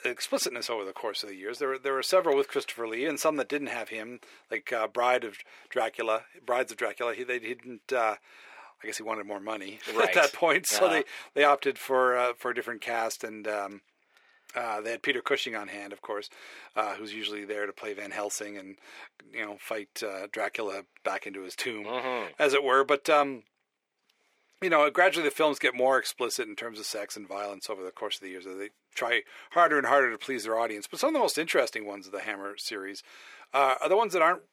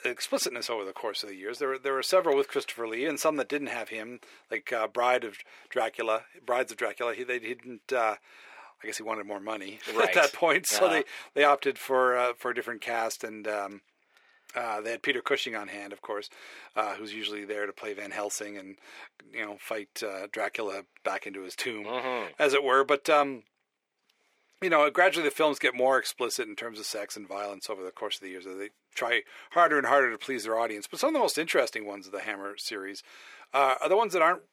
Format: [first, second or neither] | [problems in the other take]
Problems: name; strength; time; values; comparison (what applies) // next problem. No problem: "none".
neither | thin; somewhat; fading below 350 Hz; the same in both